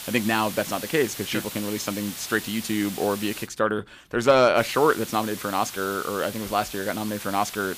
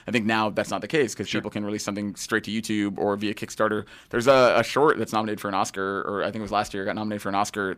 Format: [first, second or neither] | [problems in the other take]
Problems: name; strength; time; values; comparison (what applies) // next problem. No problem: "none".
second | hiss; noticeable; until 3.5 s and from 4.5 s on; 10 dB below the speech